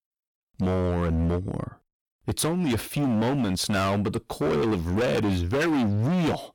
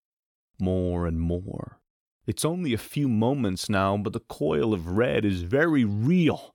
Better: second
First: distortion; heavy; 27% of the sound clipped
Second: none

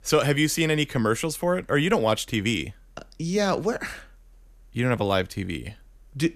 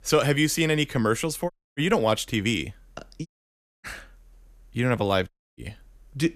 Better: first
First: none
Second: audio cutting out; at 1.5 s, at 3.5 s for 0.5 s and at 5.5 s

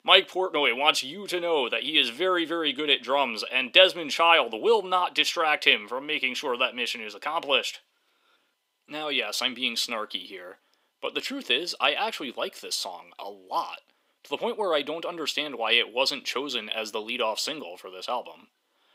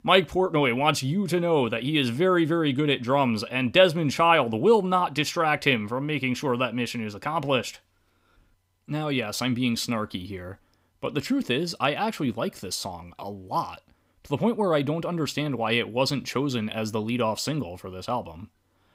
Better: second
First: thin; somewhat; fading below 350 Hz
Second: none

